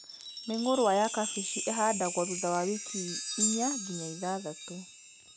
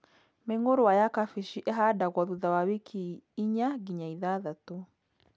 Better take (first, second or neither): second